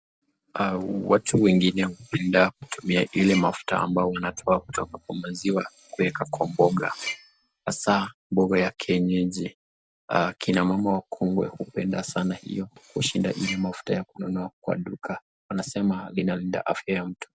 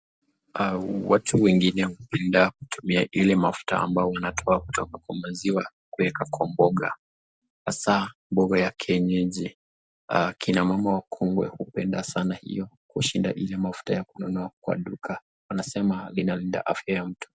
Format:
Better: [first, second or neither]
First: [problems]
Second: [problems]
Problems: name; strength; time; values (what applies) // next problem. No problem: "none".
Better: second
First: noise reduction (neural separator model SepFormer DNS4)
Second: none